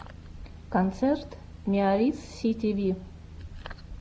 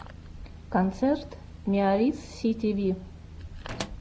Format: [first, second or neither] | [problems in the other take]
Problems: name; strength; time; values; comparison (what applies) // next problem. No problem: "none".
first | background sound (Drawer open or close); 19 dB below the speech